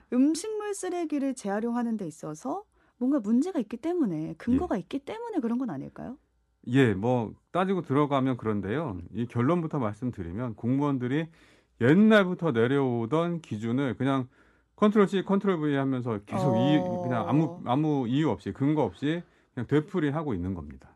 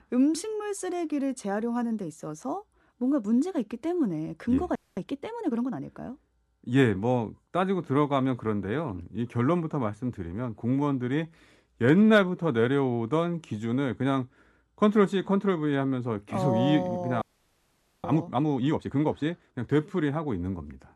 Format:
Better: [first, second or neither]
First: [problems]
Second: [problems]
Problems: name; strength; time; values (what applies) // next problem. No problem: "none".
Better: first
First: none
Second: audio freezing; at 5 s and at 17 s for 1 s